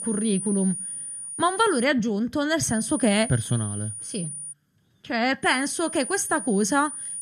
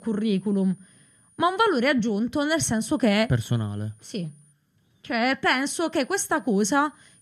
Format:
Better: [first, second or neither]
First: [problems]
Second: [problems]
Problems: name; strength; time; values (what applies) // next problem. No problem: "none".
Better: second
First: high-pitched whine; loud; until 2 s, from 2.5 to 4.5 s and from 5.5 s on; 9.5 kHz, 8 dB below the speech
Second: high-pitched whine; faint; until 2 s, from 2.5 to 4.5 s and from 5.5 s on; 9.5 kHz, 35 dB below the speech